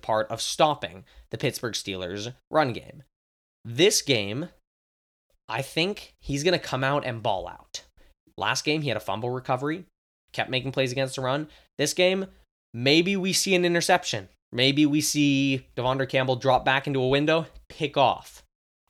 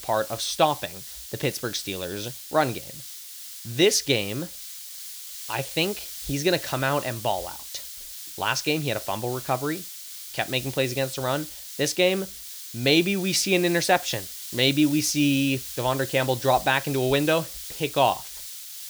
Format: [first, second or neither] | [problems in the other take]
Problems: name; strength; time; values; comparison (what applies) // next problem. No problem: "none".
first | hiss; noticeable; throughout; 10 dB below the speech